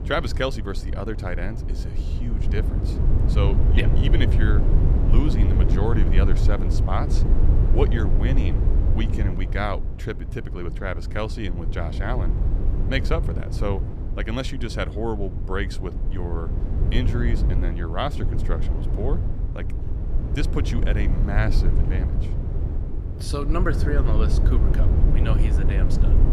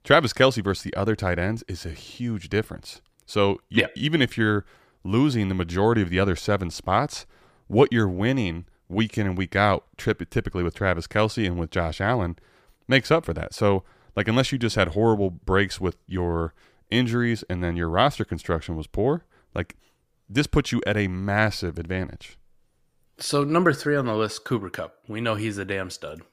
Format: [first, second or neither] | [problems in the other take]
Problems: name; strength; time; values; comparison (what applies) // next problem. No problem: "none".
second | wind noise on the microphone; heavy; 6 dB below the speech